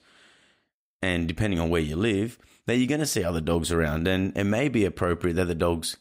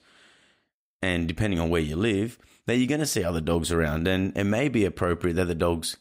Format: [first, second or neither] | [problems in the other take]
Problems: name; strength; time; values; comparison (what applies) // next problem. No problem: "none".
neither | none